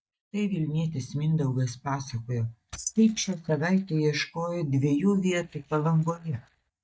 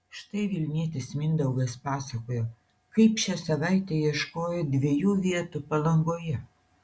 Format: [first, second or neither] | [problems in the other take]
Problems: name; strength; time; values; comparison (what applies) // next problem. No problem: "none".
second | noise reduction (neural mask model DeepFilterNet 3)